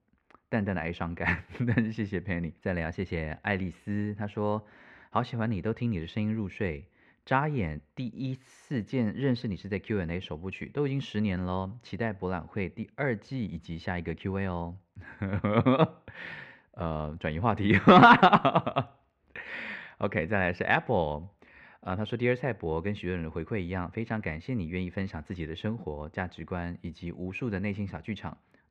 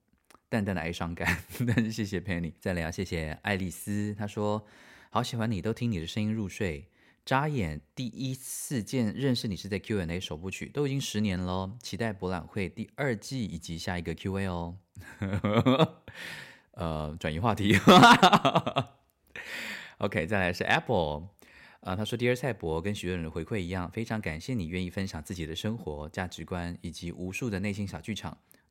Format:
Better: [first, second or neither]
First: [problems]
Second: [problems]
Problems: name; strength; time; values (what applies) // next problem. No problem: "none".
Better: second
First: muffled; slightly; fading above 2 kHz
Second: none